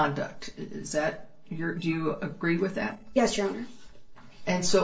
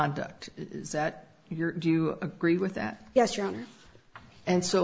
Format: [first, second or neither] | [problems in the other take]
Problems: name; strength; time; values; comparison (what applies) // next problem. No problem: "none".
second | noise reduction (neural separator model SepFormer DNS4)